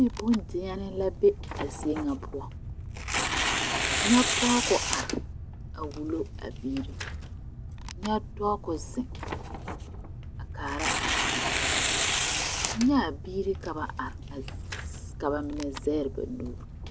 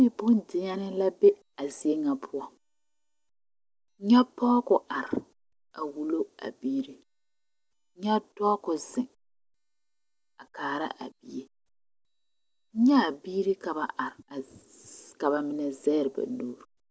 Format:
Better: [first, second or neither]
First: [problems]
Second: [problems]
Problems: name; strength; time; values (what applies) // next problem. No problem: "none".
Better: second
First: background sound (Tearing); 1 dB below the speech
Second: none